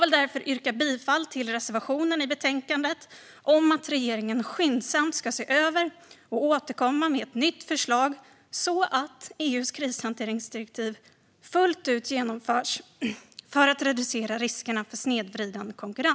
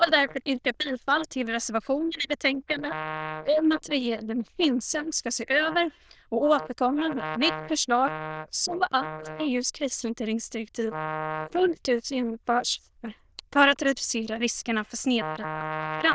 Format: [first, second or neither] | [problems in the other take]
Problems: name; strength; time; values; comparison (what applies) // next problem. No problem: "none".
first | noise reduction (neural diffusion model UNIVERSE++)